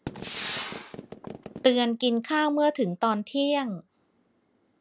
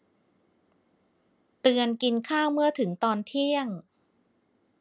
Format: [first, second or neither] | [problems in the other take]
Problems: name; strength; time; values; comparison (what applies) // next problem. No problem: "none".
second | background sound (Gunshot, gunfire); 10 dB below the speech